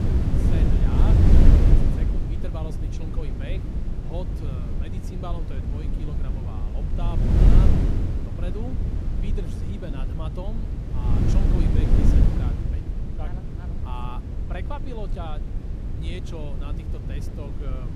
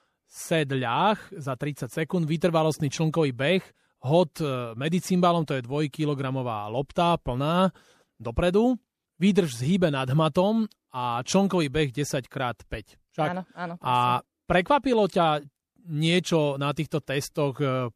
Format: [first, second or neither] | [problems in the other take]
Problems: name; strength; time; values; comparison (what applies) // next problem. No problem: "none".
second | wind noise on the microphone; heavy; 4 dB above the speech